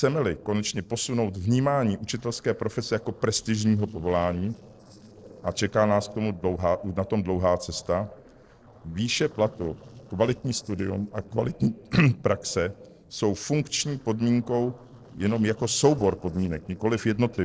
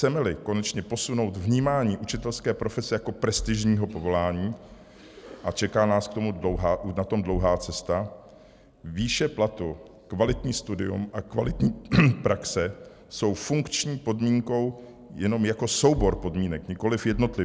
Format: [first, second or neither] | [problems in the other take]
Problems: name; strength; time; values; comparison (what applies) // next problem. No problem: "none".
second | noise reduction (neural separator model SepFormer DNS4)